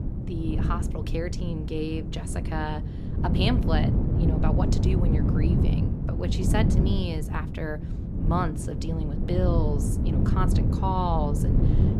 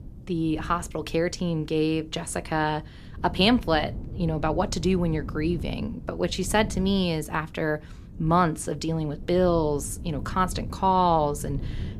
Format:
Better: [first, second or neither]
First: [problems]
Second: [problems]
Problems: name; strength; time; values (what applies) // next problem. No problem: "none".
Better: second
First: wind noise on the microphone; heavy; 3 dB below the speech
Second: wind noise on the microphone; occasional gusts; 20 dB below the speech